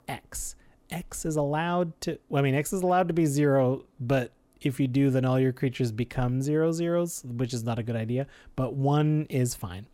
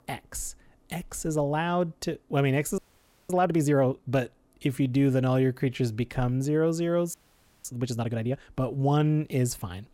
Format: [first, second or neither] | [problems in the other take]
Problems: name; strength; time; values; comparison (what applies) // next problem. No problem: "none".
first | audio freezing; at 3 s for 0.5 s and at 7 s for 0.5 s